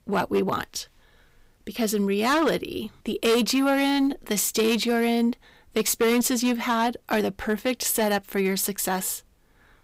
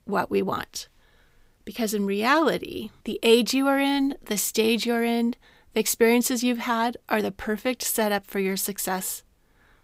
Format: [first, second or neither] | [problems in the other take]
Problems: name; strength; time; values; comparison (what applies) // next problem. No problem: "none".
second | distortion; slight; 7% of the sound clipped